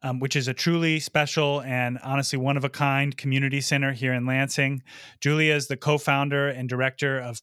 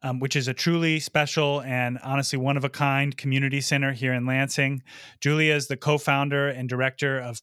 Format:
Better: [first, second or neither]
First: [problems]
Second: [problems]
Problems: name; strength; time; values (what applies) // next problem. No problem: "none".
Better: neither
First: none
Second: none